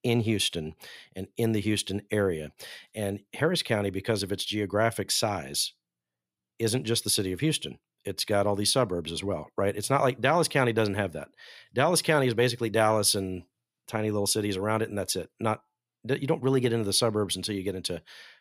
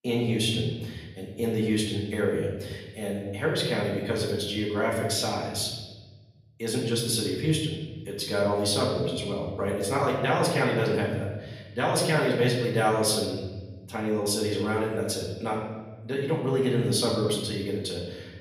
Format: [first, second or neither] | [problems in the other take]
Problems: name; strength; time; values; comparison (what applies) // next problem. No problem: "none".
first | off-mic speech; far // room echo; noticeable; dies away in 1.3 s